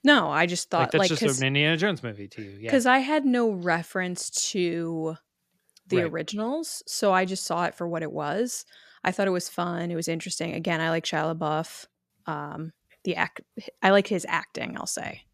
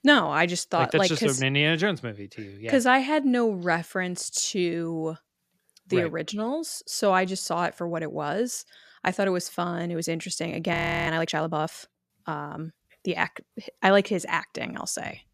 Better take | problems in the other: first | audio freezing; at 11 s

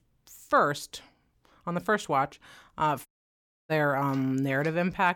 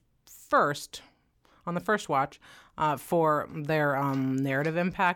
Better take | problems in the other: second | audio cutting out; at 3 s for 0.5 s

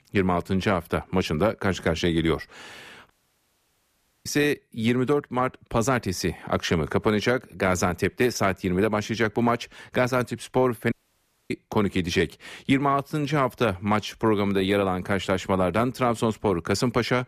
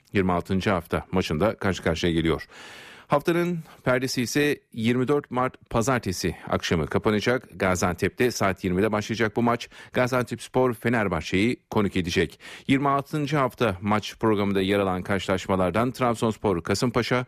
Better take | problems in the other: second | audio cutting out; at 3 s for 1 s and at 11 s for 0.5 s

